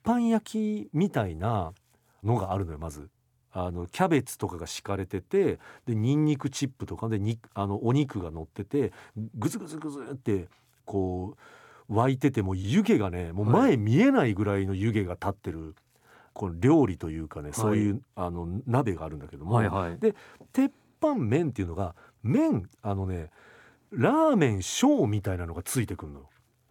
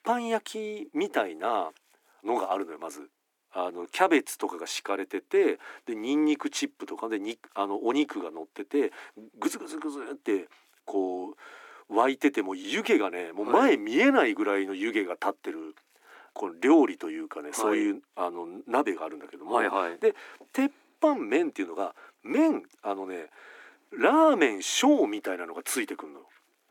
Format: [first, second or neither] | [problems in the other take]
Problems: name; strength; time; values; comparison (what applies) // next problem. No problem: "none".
first | thin; somewhat; fading below 300 Hz